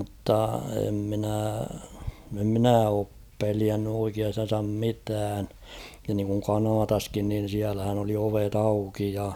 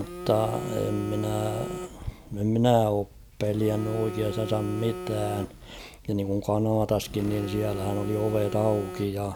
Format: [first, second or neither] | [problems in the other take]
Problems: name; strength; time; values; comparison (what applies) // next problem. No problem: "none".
first | background sound (Telephone); 11 dB below the speech